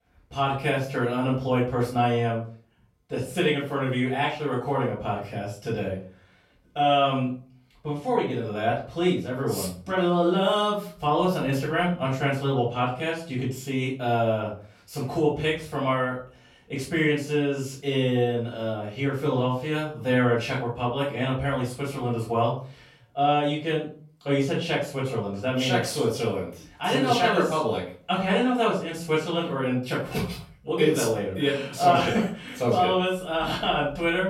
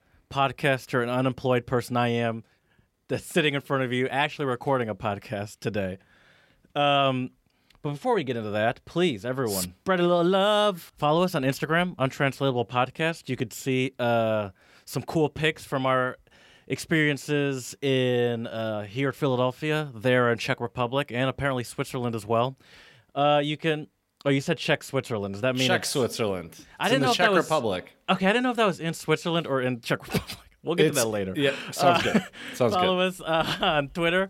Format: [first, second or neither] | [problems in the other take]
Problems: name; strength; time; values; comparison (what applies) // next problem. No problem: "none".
second | room echo; noticeable; dies away in 0.4 s // off-mic speech; far